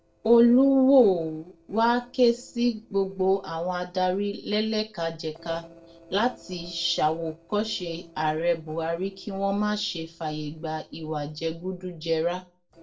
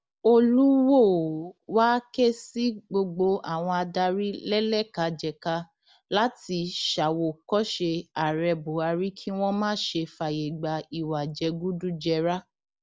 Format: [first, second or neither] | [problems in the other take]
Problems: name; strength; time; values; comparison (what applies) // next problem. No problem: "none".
second | noise reduction (neural separator model SepFormer DNS4)